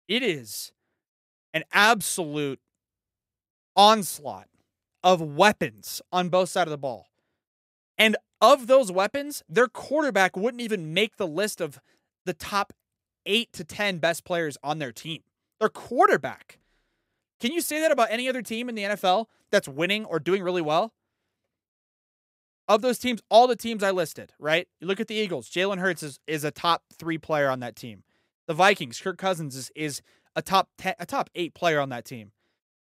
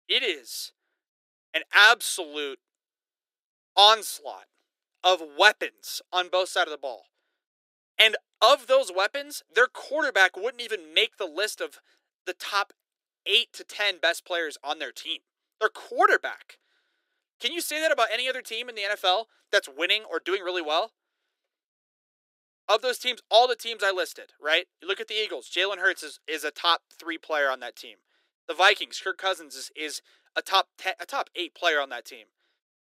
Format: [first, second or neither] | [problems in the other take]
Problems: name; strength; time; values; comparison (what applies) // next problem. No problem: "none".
first | thin; very; fading below 350 Hz